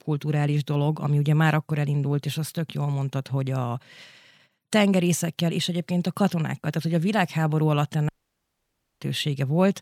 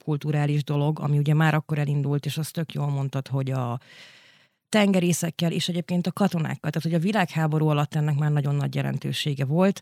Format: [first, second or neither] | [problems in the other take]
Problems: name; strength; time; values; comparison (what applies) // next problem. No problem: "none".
second | audio cutting out; at 8 s for 1 s